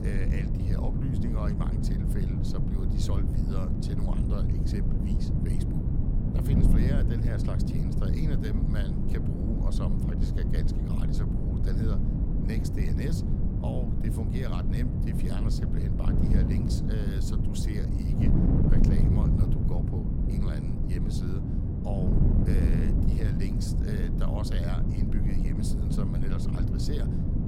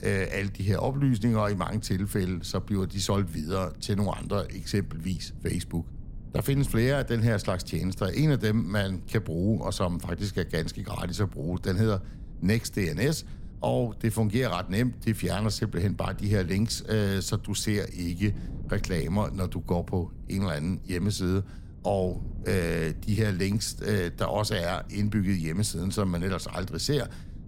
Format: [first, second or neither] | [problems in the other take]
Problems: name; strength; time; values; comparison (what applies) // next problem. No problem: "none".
second | wind noise on the microphone; heavy; 4 dB above the speech; occasional gusts in the second